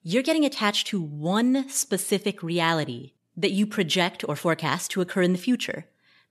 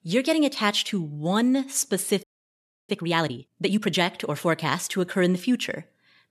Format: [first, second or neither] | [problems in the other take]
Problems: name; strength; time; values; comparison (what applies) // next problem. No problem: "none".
first | audio freezing; at 2 s for 0.5 s